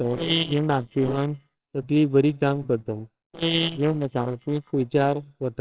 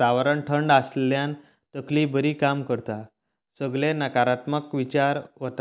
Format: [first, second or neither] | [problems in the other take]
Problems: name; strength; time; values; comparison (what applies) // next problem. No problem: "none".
second | noise reduction (neural separator model SepFormer WHAMR!)